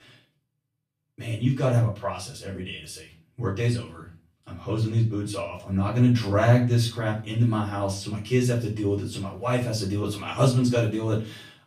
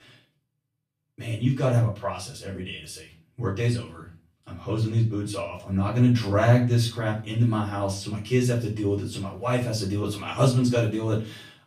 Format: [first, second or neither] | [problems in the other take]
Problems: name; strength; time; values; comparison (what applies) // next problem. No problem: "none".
neither | off-mic speech; far; the same in both // room echo; slight; dies away in 0.3 s; the same in both